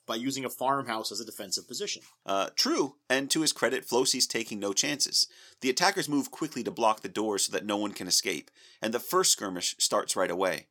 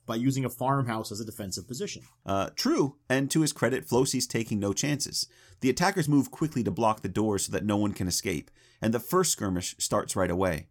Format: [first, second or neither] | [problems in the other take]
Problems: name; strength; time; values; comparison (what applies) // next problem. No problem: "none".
second | thin; somewhat; fading below 350 Hz